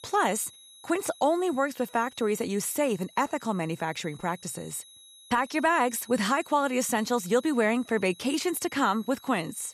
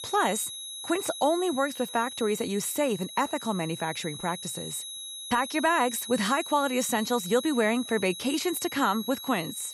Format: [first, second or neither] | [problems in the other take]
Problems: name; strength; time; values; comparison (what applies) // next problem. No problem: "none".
first | high-pitched whine; loud; throughout; 4 kHz, 9 dB below the speech; faint in the first